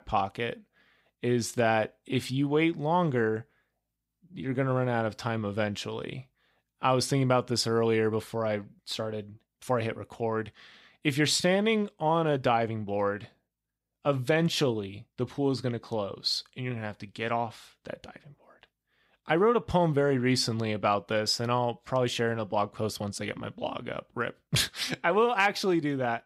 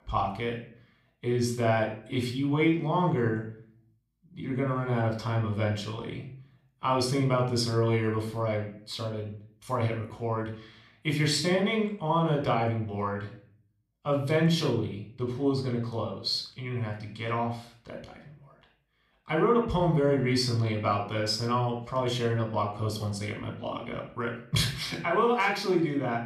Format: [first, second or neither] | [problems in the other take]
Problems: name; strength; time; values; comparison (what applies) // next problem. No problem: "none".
first | off-mic speech; somewhat distant // room echo; slight; dies away in 0.5 s